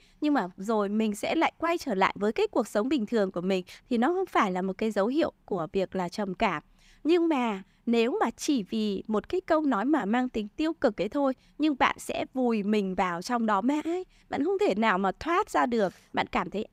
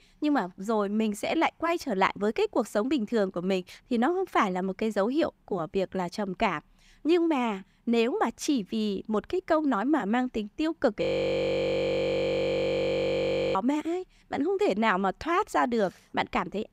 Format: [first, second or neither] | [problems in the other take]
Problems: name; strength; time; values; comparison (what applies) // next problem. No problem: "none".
first | audio freezing; at 11 s for 2.5 s